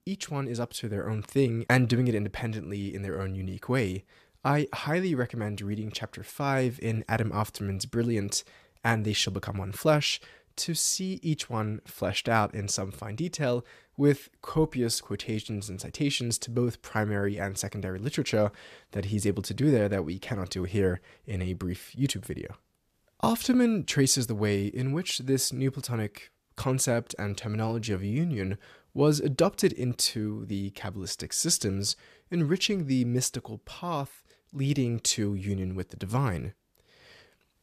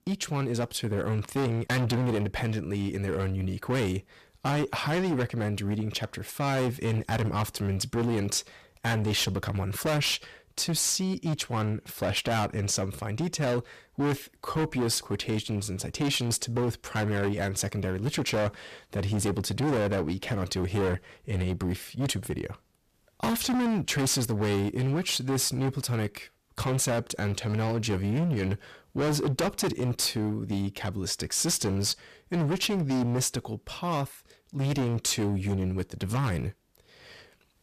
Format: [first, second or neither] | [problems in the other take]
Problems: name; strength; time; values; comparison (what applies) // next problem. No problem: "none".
first | distortion; heavy; 19% of the sound clipped